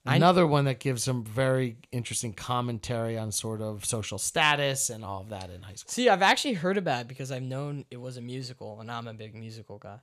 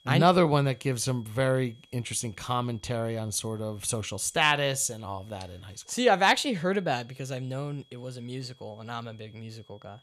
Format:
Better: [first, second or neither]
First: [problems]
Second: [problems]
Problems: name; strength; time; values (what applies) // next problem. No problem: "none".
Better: first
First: none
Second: high-pitched whine; faint; throughout; 3.5 kHz, 30 dB below the speech